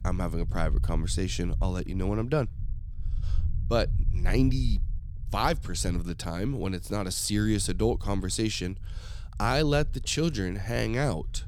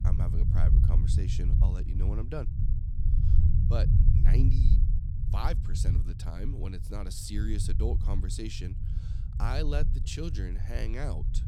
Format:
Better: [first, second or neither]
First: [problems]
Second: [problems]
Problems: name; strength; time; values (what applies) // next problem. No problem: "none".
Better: first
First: low rumble; faint; throughout; 20 dB below the speech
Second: low rumble; loud; throughout; 4 dB below the speech